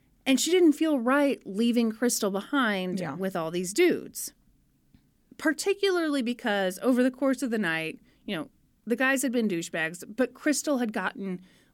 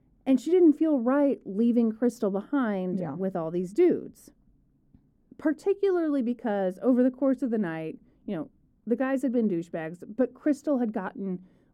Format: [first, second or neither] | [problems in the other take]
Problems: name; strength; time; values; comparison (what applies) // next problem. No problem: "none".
first | muffled; very; fading above 1.5 kHz